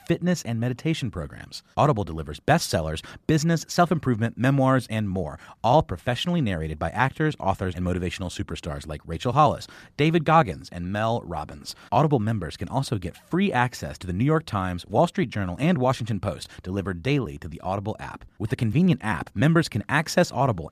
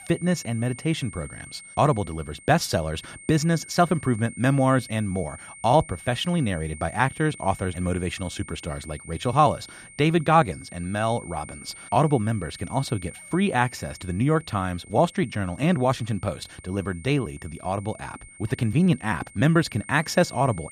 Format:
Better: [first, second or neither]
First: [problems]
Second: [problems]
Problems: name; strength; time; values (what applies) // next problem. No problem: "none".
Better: first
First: none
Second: high-pitched whine; noticeable; throughout; 2 kHz, 20 dB below the speech